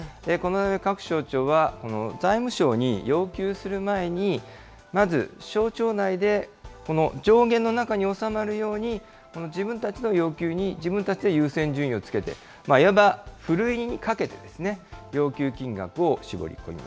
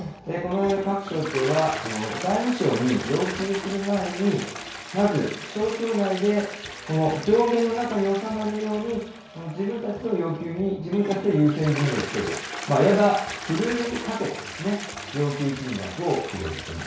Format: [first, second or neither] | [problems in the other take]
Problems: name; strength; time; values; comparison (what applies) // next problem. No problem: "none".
first | background sound (Toilet flush); 11 dB below the speech // room echo; dies away in 0.6 s